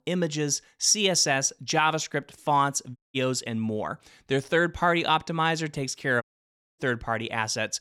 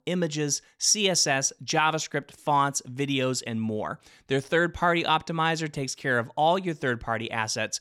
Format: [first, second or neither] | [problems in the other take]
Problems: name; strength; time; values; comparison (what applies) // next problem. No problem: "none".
second | audio cutting out; at 3 s and at 6 s for 0.5 s